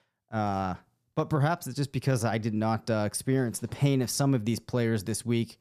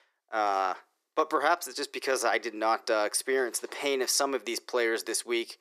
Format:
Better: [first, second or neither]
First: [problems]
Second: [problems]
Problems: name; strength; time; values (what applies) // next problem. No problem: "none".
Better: first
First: none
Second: thin; very; fading below 350 Hz